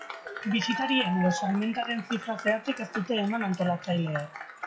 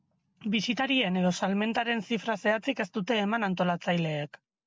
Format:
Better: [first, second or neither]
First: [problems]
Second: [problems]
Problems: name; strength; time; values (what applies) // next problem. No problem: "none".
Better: second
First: noise reduction (classical method log-MMSE)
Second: none